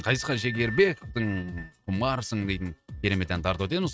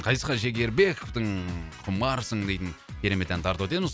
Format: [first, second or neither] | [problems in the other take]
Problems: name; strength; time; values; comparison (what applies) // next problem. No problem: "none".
second | noise reduction (neural mask model RNNoise)